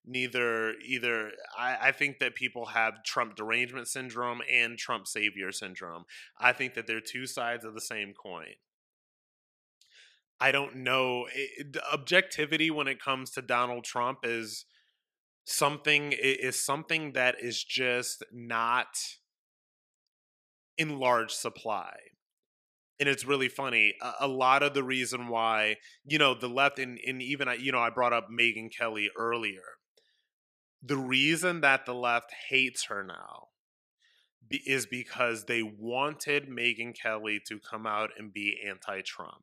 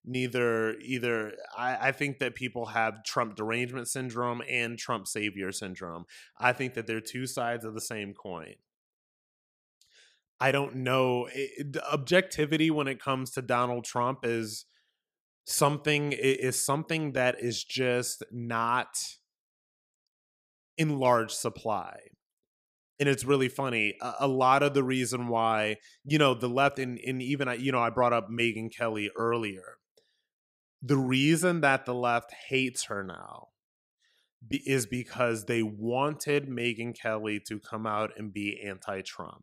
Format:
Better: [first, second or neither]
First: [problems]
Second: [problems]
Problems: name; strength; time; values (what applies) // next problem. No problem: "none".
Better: second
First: thin; very slightly; fading below 550 Hz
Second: none